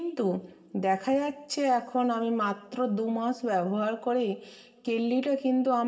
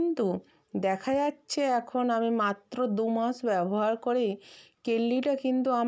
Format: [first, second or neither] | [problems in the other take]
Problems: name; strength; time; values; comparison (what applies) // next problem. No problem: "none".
second | room echo; dies away in 1.8 s